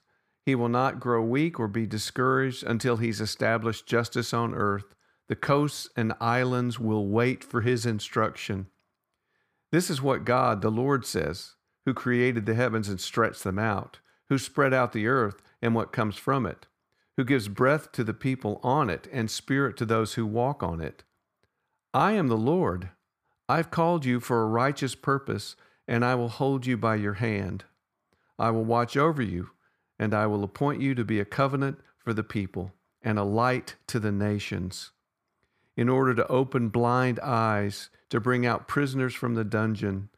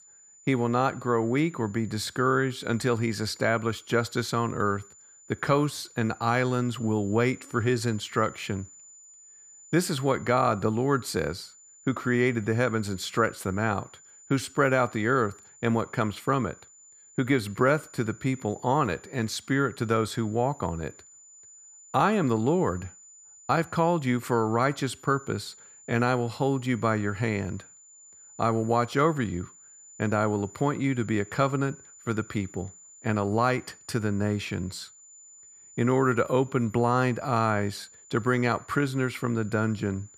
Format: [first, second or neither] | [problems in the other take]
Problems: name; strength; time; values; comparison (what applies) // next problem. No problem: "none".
first | high-pitched whine; faint; throughout; 7 kHz, 20 dB below the speech